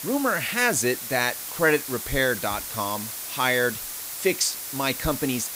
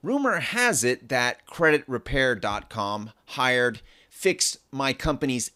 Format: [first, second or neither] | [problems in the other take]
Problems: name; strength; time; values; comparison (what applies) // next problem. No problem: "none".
second | hiss; loud; throughout; 7 dB below the speech